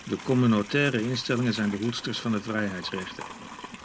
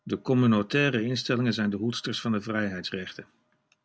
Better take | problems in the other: second | background sound (Livestock, farm animals, working animals); 15 dB below the speech

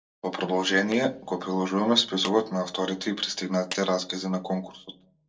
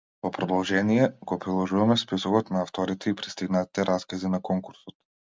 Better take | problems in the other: second | noise reduction (neural separator model SepFormer DNS4)

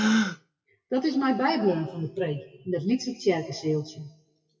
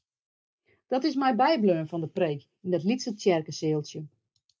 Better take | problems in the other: second | noise reduction (classical method WPE with log-MMSE)

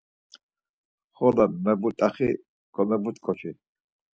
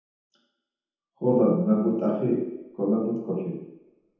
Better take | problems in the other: first | room echo; dies away in 0.9 s

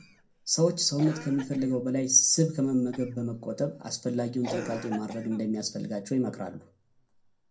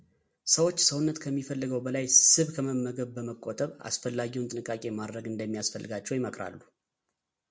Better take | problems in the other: second | background sound (Cough); 17 dB below the speech // room echo; dies away in 0.3 s

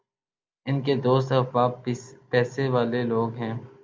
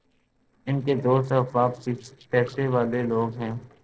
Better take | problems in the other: first | noise reduction (neural separator model SepFormer DNS4)

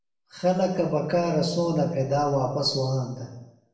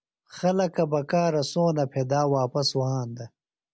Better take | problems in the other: second | room echo; dies away in 0.8 s

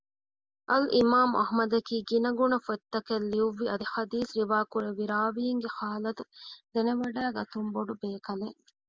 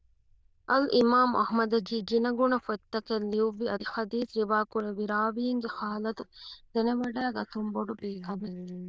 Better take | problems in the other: first | noise reduction (neural diffusion model UNIVERSE++)

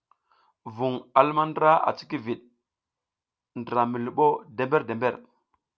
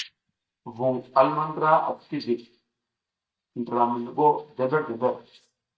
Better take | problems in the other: first | noise reduction (neural mask model DeepFilterNet 3)

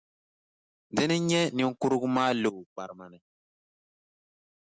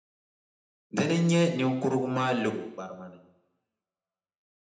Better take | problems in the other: first | room echo; dies away in 0.8 s

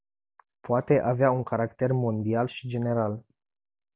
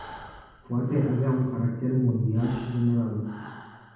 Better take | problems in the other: first | background sound (Breathing); 20 dB below the speech // room echo; dies away in 1.1 s

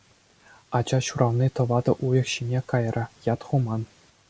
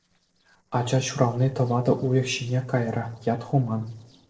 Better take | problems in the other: first | noise reduction (neural separator model SepFormer DNS4)

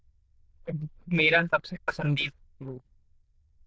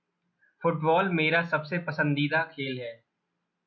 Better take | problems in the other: second | noise reduction (neural diffusion model UNIVERSE++)

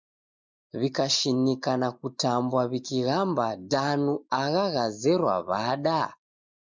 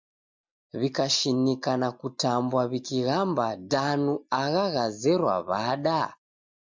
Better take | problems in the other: second | noise reduction (neural mask model Resemble Enhance denoiser)

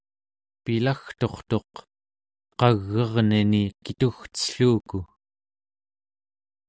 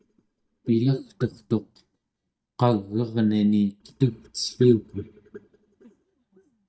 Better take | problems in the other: first | noise reduction (neural mask model DeepFilterNet 3)

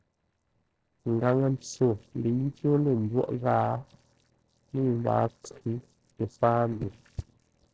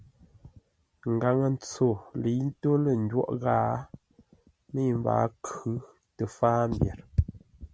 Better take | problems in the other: second | noise reduction (neural separator model SepFormer DNS4)

